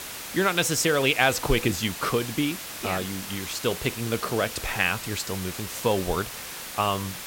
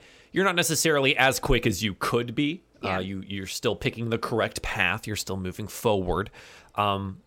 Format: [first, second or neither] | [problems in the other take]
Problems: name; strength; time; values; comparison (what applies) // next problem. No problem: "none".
second | hiss; loud; throughout; 8 dB below the speech